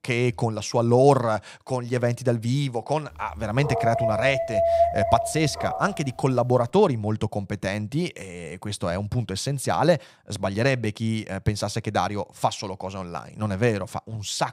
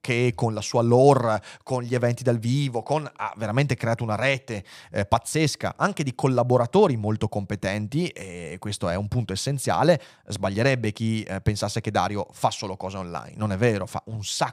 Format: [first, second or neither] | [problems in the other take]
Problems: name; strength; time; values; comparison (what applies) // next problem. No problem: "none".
second | dog barking; loud; from 3.5 to 6 s; peak 4 dB above the speech